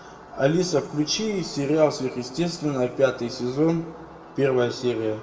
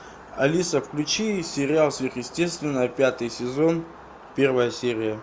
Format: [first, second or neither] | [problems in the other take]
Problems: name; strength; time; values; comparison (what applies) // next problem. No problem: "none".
second | room echo; dies away in 1.2 s